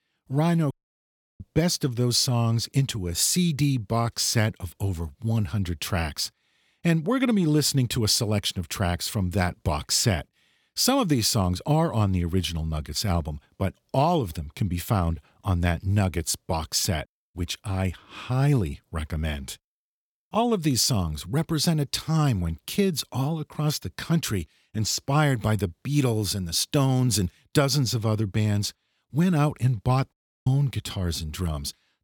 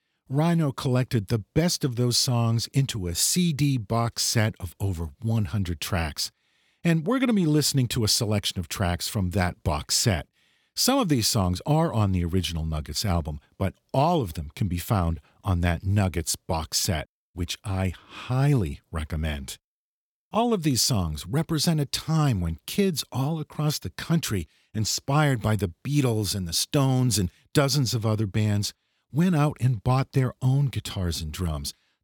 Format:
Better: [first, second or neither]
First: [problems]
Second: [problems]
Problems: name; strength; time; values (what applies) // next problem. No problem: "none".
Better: second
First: audio cutting out; at 0.5 s for 0.5 s and at 30 s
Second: none